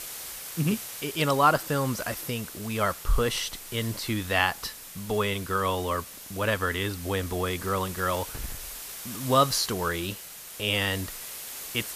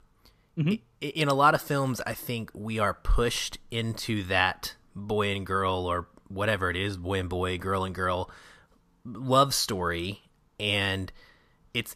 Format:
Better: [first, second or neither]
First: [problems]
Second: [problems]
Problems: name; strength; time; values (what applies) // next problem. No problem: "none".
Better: second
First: hiss; noticeable; throughout; 10 dB below the speech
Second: none